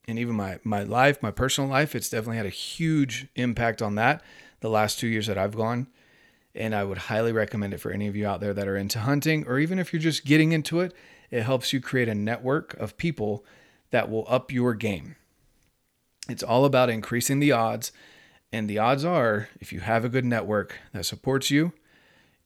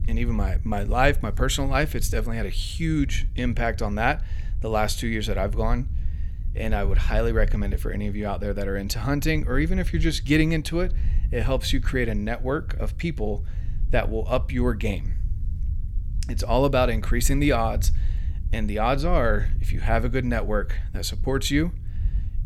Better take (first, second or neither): first